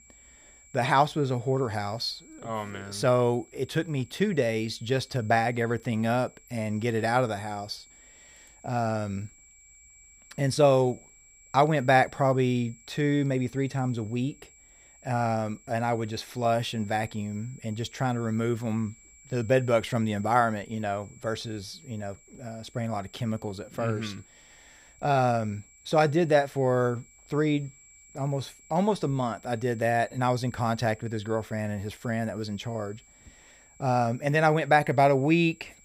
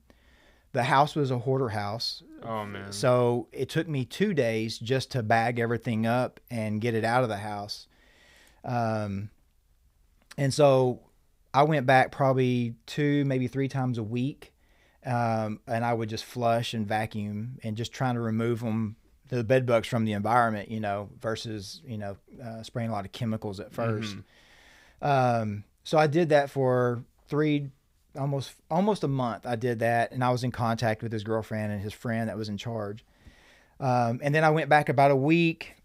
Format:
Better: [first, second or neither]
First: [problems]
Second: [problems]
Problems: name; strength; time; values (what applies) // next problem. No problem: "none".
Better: second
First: high-pitched whine; faint; throughout; 7.5 kHz, 25 dB below the speech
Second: none